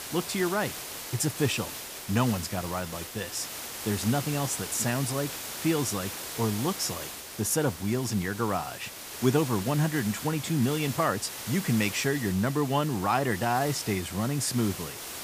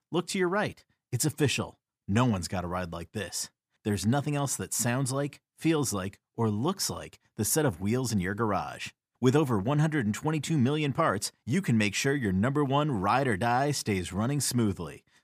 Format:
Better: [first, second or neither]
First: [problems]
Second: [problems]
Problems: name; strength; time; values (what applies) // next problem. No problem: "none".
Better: second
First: hiss; loud; throughout; 8 dB below the speech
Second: none